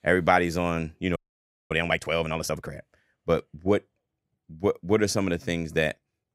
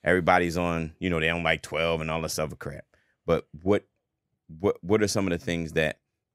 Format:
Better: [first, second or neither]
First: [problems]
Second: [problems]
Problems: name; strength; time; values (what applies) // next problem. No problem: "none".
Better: second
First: audio freezing; at 1 s for 0.5 s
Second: none